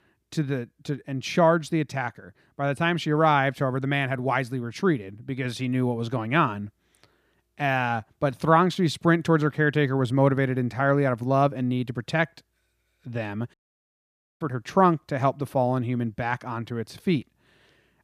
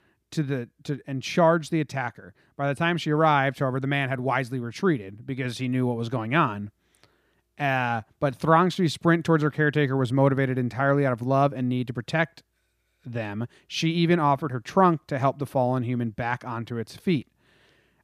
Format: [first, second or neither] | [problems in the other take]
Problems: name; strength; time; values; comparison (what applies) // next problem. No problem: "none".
second | audio cutting out; at 14 s for 1 s